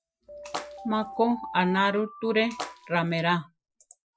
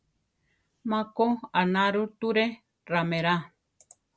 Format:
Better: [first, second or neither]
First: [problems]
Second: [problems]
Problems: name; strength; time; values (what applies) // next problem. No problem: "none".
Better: second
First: noise reduction (classical method Wiener filter)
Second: none